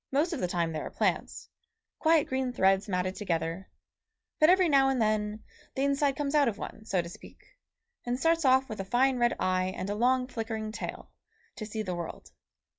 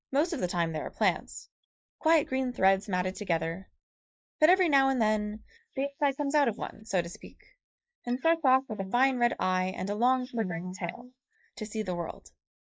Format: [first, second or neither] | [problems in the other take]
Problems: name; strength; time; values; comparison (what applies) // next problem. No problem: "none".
first | noise reduction (neural mask model Resemble Enhance denoiser)